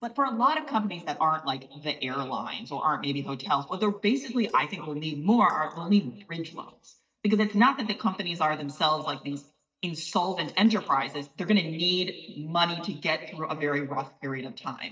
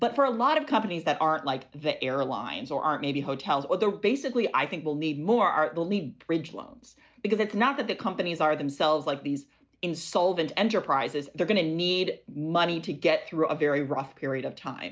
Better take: second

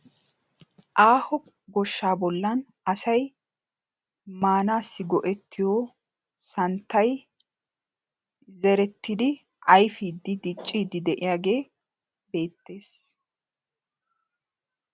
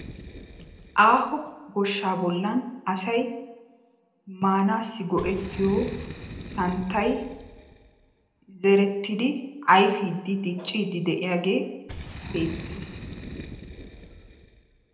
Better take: first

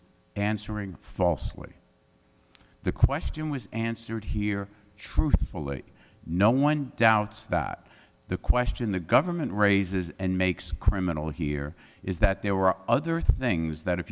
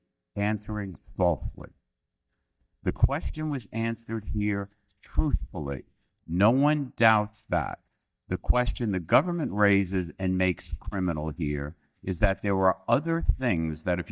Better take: first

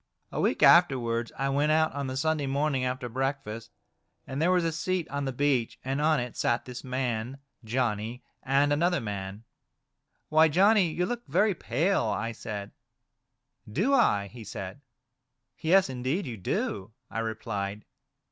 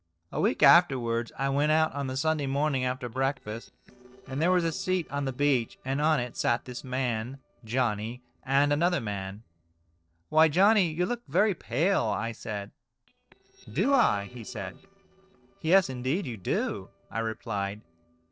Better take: first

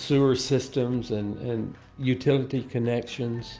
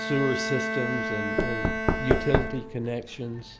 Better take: first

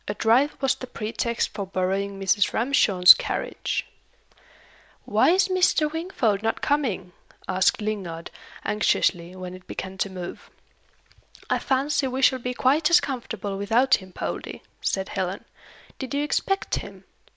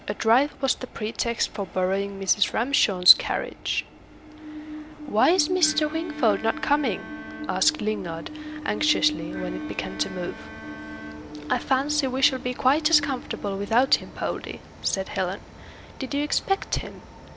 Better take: first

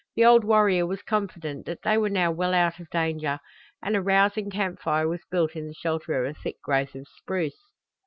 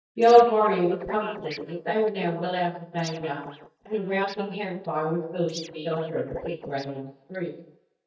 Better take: first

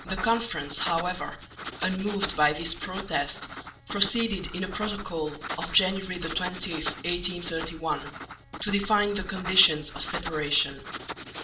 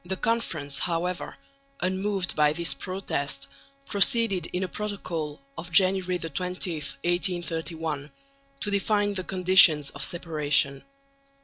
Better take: second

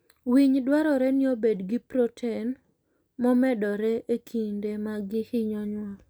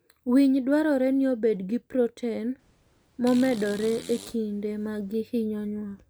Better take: first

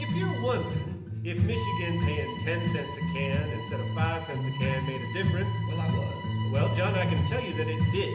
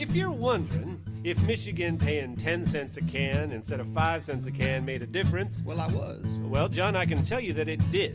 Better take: second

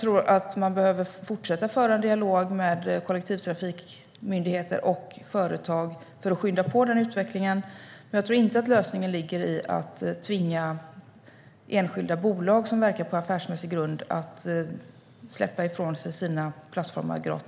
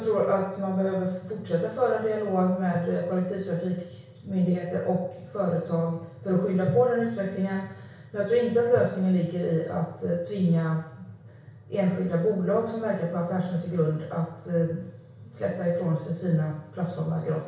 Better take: first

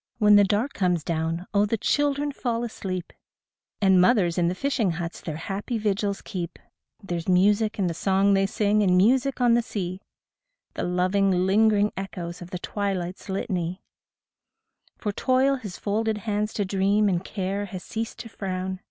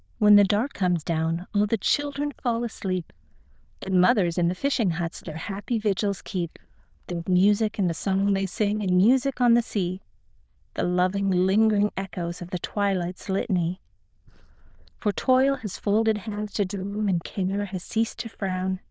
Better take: first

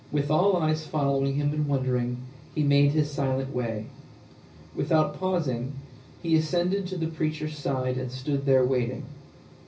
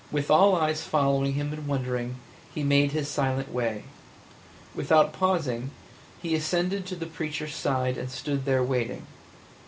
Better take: second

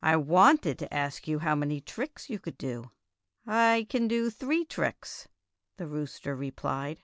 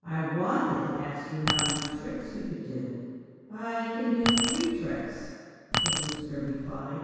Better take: first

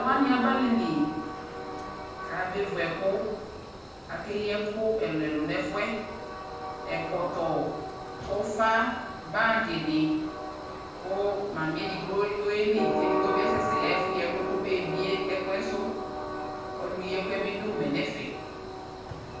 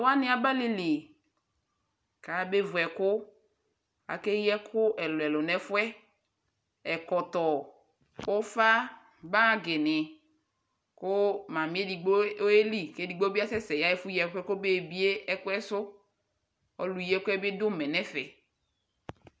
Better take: second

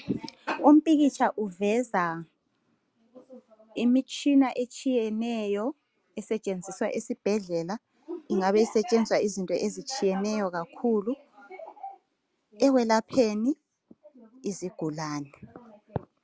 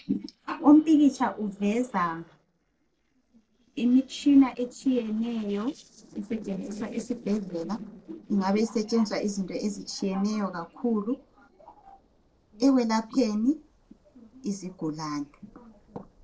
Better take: first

